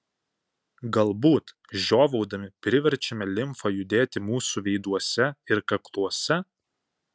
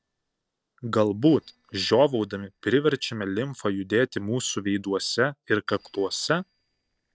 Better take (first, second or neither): first